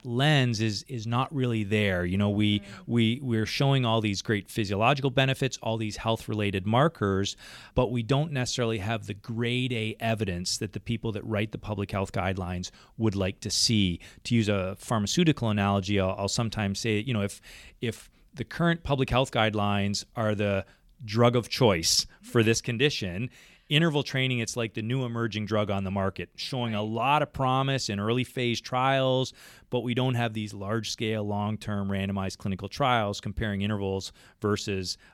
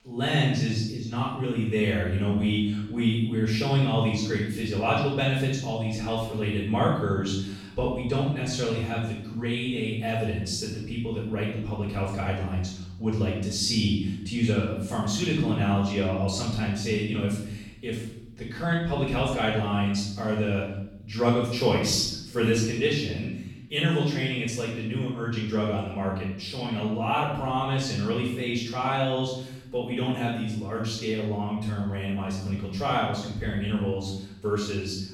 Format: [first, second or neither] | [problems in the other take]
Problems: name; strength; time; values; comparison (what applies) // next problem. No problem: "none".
first | room echo; noticeable; dies away in 0.8 s // off-mic speech; far